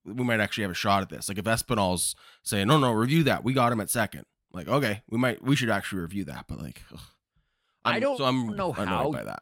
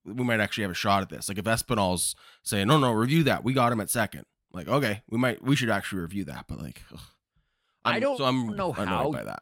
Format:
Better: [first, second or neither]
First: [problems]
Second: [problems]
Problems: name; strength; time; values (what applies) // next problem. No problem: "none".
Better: neither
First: none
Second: none